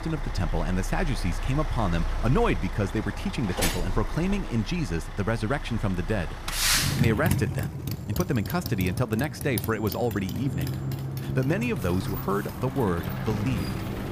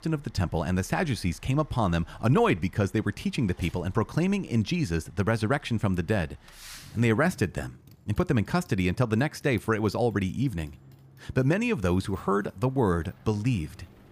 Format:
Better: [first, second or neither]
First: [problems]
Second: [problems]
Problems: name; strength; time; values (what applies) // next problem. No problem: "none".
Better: second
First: traffic noise; loud; throughout; 3 dB below the speech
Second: traffic noise; faint; throughout; 25 dB below the speech